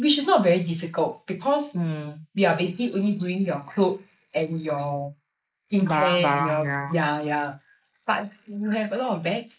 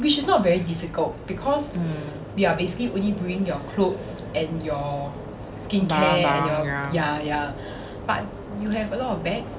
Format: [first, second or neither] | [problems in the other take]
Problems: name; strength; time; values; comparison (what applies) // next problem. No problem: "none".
second | noise reduction (neural mask model Resemble Enhance denoiser)